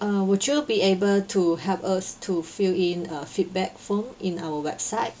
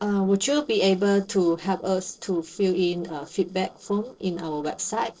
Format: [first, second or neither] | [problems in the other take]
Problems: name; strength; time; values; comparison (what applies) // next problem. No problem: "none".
first | noise reduction (neural separator model SepFormer DNS4)